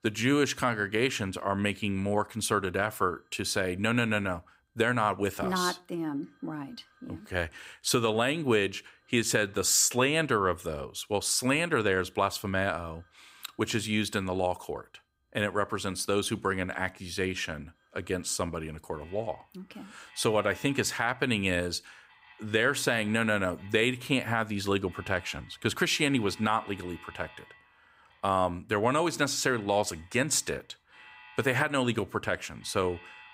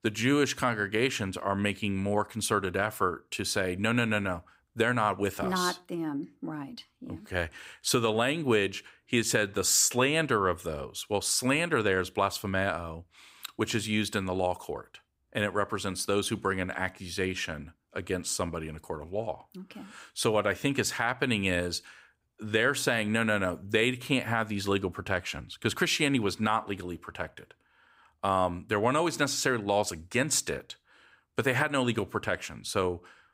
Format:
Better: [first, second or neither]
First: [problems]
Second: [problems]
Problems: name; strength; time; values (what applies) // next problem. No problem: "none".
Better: second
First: alarms or sirens; faint; throughout; 25 dB below the speech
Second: none